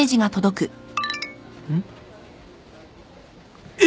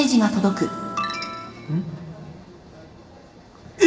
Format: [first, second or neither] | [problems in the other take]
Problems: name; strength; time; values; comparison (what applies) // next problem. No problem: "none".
first | background sound (Wind instrument, woodwind instrument); 13 dB below the speech // room echo; dies away in 2.7 s